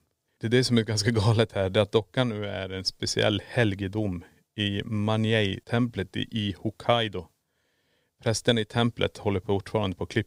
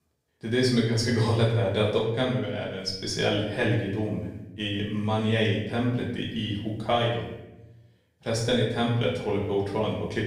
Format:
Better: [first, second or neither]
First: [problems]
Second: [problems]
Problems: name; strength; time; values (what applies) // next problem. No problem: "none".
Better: first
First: none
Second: off-mic speech; far // room echo; noticeable; dies away in 0.8 s